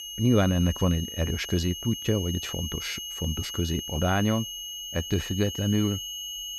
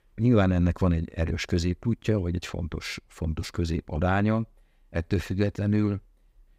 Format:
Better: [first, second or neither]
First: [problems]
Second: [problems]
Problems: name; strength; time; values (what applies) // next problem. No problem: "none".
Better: second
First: high-pitched whine; loud; throughout; 3 kHz, 6 dB below the speech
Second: none